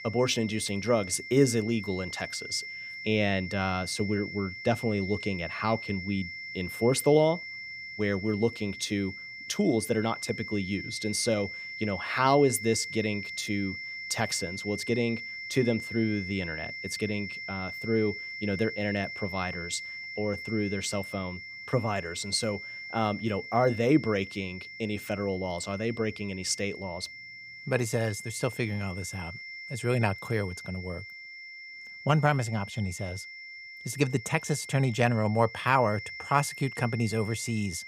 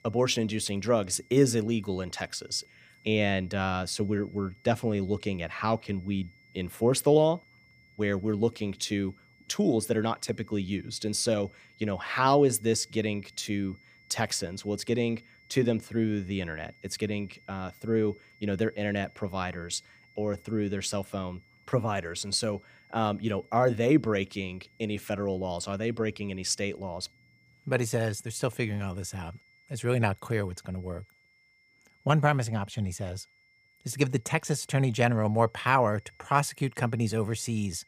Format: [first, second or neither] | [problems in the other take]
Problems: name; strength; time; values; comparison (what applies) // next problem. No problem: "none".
second | high-pitched whine; loud; throughout; 2 kHz, 9 dB below the speech; faint in the second